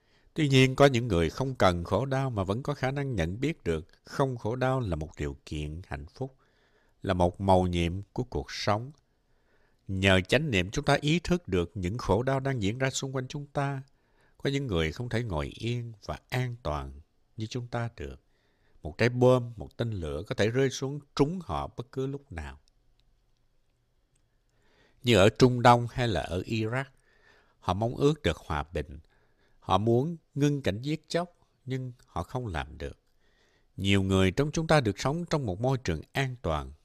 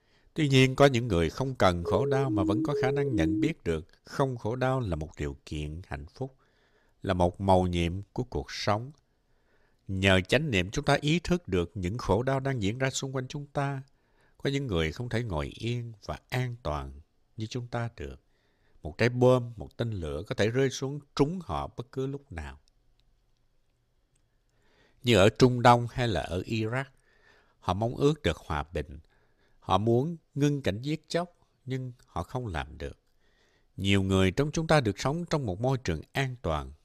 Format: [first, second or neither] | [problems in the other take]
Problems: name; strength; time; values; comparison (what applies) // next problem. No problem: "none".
first | siren; noticeable; from 2 to 3.5 s; peak 1 dB below the speech